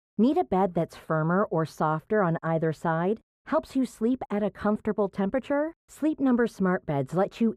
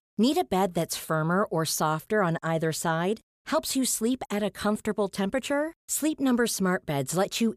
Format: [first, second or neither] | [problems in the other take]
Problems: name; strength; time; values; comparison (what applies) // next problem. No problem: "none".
second | muffled; very; fading above 3 kHz